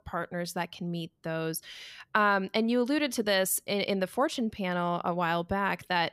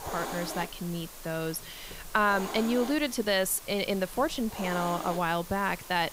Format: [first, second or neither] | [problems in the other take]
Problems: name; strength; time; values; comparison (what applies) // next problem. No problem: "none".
first | hiss; noticeable; throughout; 10 dB below the speech